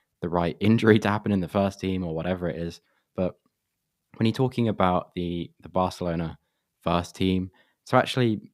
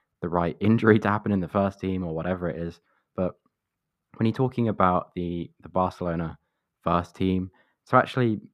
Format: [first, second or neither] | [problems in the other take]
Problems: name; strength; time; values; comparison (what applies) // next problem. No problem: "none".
first | muffled; slightly; fading above 2.5 kHz